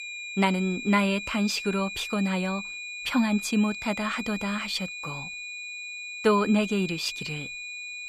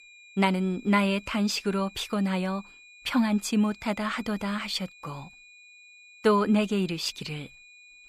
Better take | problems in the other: second | high-pitched whine; loud; throughout; 2.5 kHz, 8 dB below the speech; faint in the second

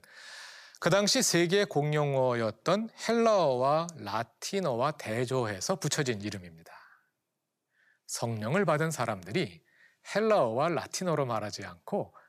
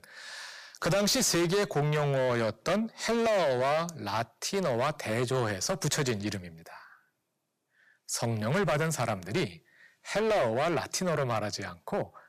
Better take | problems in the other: first | distortion; heavy; 12% of the sound clipped

